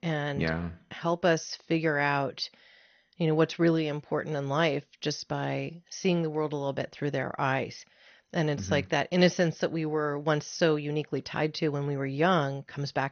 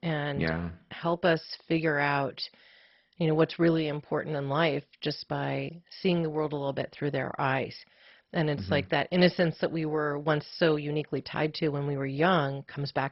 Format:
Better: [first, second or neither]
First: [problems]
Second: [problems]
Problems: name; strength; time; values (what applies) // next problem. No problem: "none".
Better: first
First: garbled, watery; slightly; nothing above 6.5 kHz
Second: garbled, watery; badly; nothing above 5.5 kHz